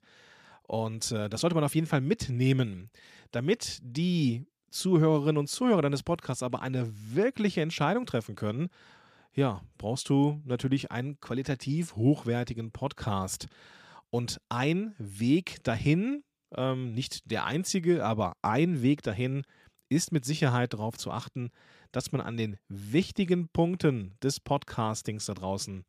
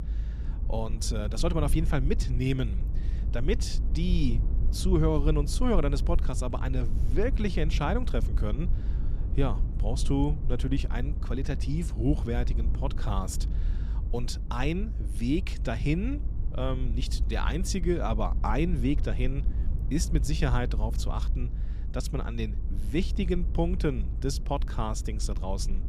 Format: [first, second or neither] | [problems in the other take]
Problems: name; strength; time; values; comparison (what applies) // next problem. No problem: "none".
first | low rumble; noticeable; throughout; 15 dB below the speech